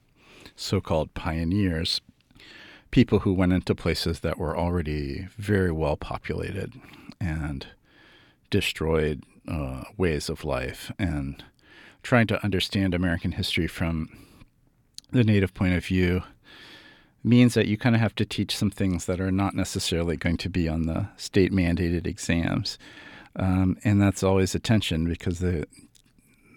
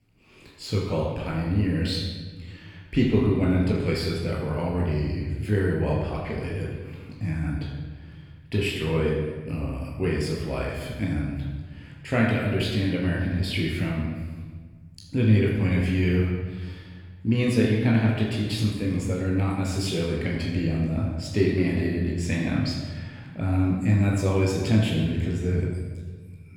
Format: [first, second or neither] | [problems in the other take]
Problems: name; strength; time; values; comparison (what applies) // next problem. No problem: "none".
first | off-mic speech; far // room echo; noticeable; dies away in 1.4 s